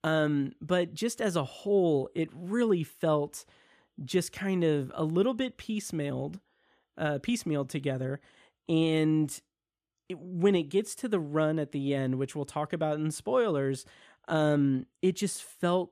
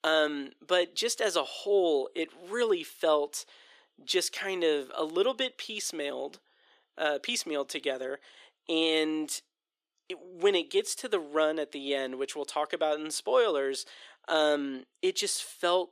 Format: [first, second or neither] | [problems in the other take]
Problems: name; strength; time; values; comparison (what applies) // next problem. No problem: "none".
first | thin; somewhat; fading below 350 Hz